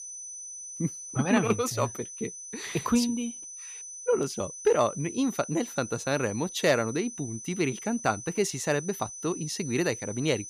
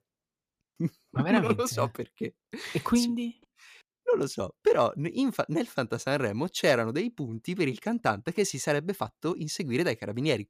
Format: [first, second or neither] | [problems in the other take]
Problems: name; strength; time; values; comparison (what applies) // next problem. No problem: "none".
second | high-pitched whine; loud; throughout; 6 kHz, 10 dB below the speech